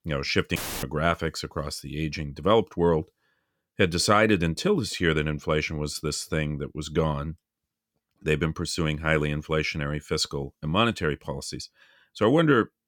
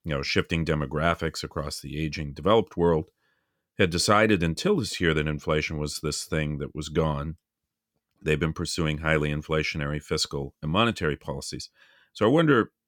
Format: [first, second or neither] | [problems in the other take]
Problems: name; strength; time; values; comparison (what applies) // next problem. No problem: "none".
second | audio cutting out; filled with static; at 0.5 s